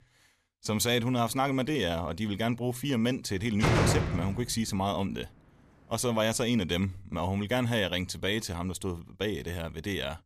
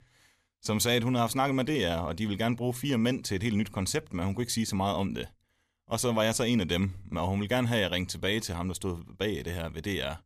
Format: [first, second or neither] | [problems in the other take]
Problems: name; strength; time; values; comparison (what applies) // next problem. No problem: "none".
second | door banging; loud; at 3.5 s; peak 5 dB above the speech